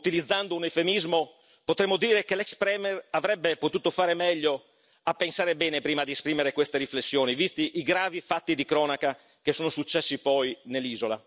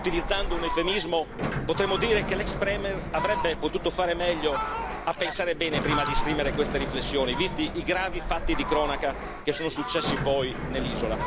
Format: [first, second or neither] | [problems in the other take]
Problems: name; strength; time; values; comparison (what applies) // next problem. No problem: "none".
first | background sound (Sliding door + Fowl); 2 dB below the speech